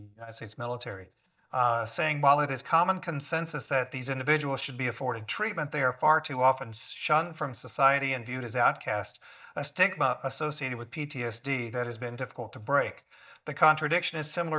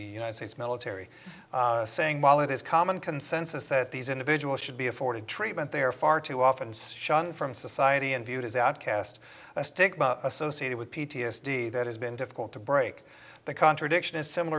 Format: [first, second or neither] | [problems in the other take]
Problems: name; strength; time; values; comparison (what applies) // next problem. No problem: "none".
second | noise reduction (neural mask model DeepFilterNet 3)